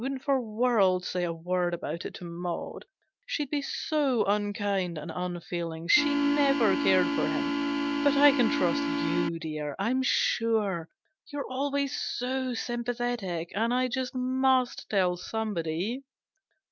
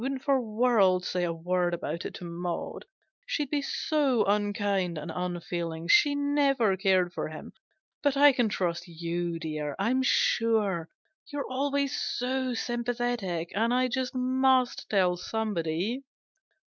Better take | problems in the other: second | background sound (Organ); as loud as the speech

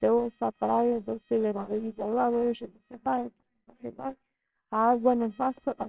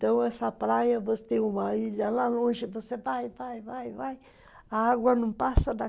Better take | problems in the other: second | noise reduction (neural separator model SepFormer WHAMR!)

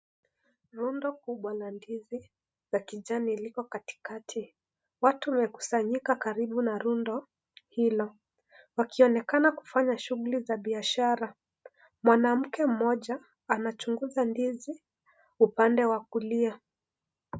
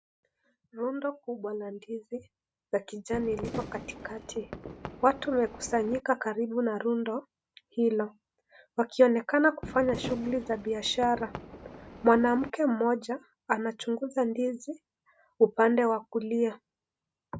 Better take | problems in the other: first | background sound (Fireworks); 12 dB below the speech

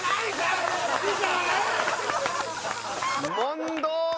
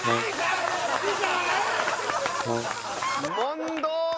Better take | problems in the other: first | background sound (Brass instrument); 10 dB below the speech

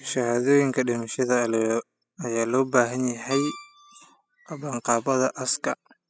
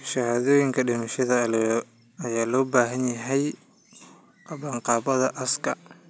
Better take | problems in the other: second | noise reduction (classical method spectral subtraction)

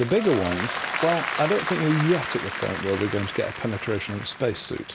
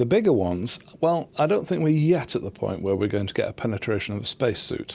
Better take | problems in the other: second | background sound (Applause); 6 dB below the speech

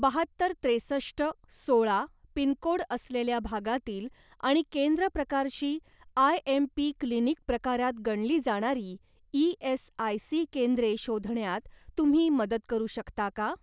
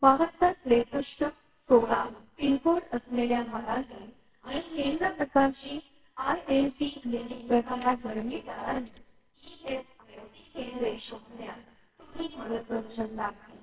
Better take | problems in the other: first | noise reduction (neural separator model SepFormer WHAMR!)

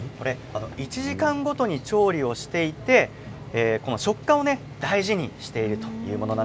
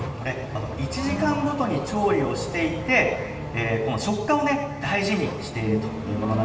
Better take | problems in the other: first | background sound (Accelerating, revving, vroom / Car); 10 dB below the speech // room echo; dies away in 1.2 s

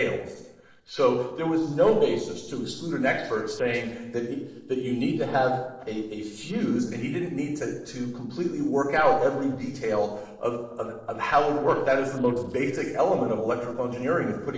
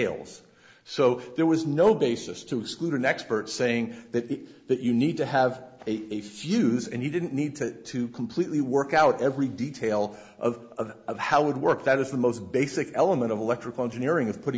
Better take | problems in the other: second | noise reduction (neural separator model SepFormer DNS4)

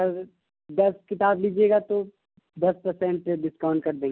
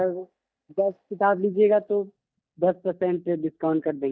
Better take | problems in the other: first | noise reduction (neural mask model DeepFilterNet 3)

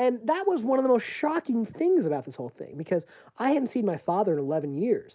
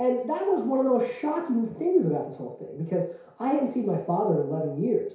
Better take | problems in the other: first | room echo; dies away in 0.6 s

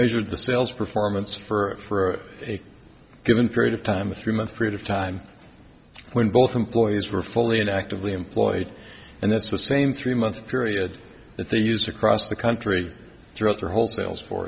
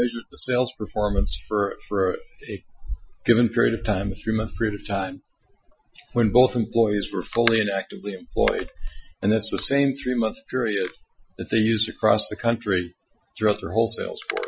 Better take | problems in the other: first | noise reduction (classical method Wiener filter)

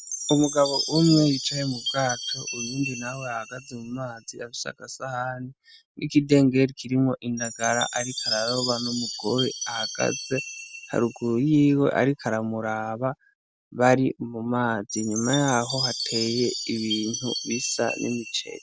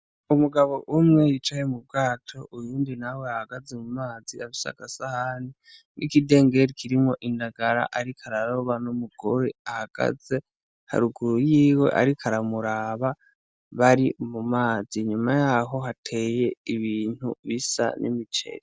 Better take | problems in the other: second | background sound (Chime); 9 dB below the speech

